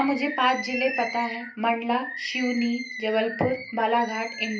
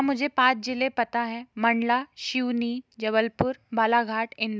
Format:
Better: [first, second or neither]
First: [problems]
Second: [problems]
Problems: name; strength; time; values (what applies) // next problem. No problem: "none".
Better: second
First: background sound (Bird); 10 dB below the speech // room echo; dies away in 0.3 s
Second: none